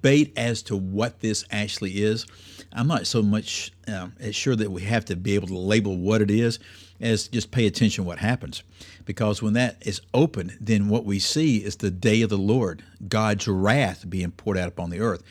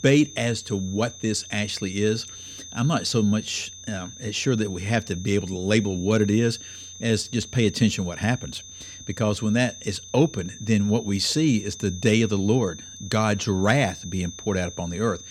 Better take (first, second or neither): first